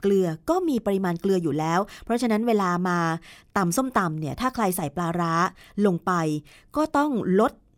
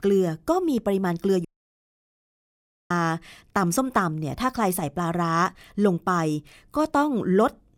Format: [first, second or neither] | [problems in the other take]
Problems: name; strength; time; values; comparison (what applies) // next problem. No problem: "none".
first | audio cutting out; at 1.5 s for 1.5 s